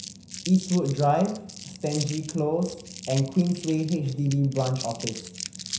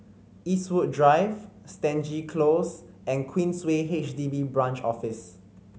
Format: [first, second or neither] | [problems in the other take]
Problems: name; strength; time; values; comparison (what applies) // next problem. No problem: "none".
second | background sound (Crumpling, crinkling); 13 dB below the speech // room echo; dies away in 0.5 s